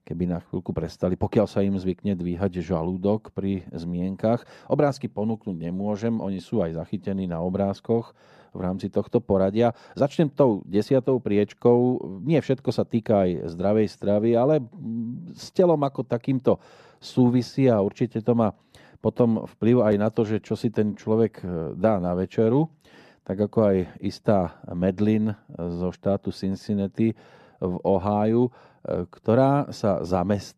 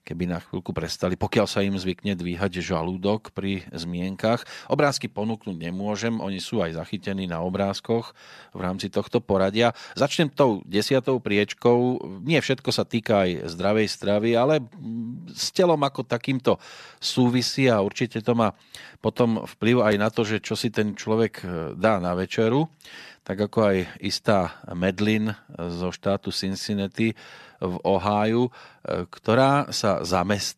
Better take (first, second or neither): second